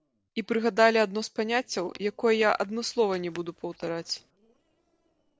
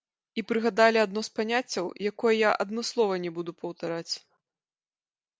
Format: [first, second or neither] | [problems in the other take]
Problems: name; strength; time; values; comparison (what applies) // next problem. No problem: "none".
second | noise reduction (neural separator model SepFormer DNS4)